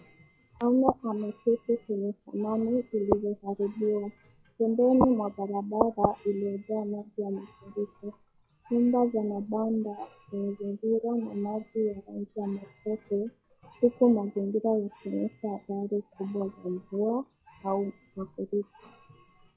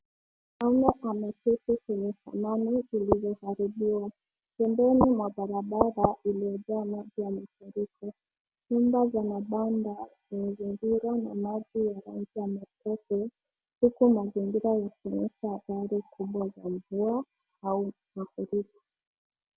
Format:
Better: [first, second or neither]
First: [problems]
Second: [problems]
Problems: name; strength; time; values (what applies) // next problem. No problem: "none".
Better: second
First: noise reduction (classical method log-MMSE)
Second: none